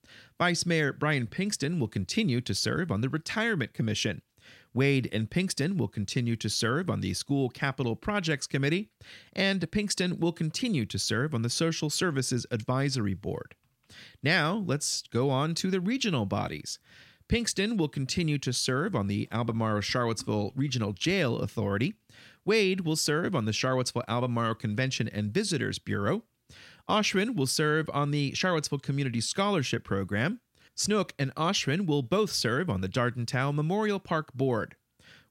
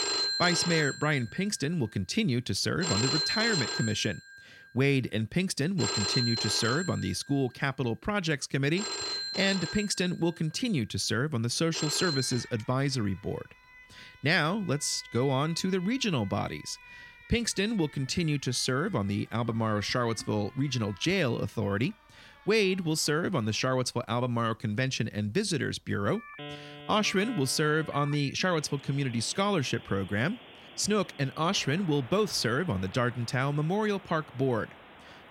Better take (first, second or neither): first